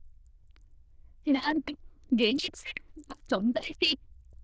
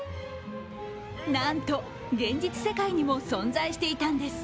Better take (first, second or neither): second